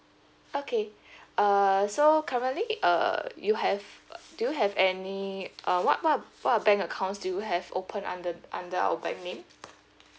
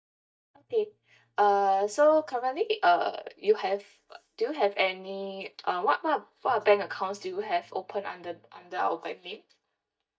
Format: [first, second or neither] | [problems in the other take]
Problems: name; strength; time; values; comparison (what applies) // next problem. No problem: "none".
first | noise reduction (neural mask model DeepFilterNet 3)